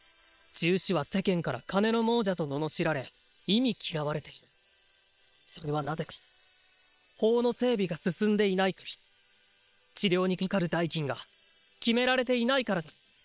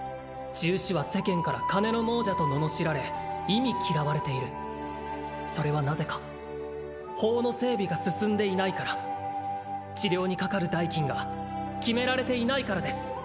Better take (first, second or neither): second